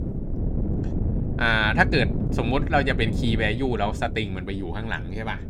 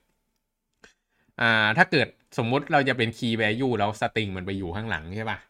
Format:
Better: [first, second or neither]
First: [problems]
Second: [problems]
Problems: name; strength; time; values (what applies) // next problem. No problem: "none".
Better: second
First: wind noise on the microphone; occasional gusts; 15 dB below the speech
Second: none